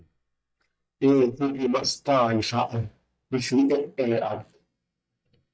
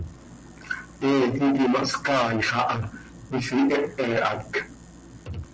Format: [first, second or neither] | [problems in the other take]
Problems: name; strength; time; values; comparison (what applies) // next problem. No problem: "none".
second | noise reduction (neural mask model DeepFilterNet 3)